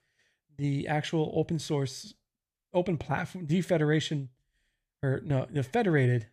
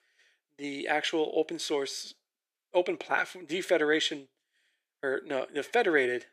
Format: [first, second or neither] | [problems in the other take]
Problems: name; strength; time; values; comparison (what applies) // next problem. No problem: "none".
first | thin; very; fading below 350 Hz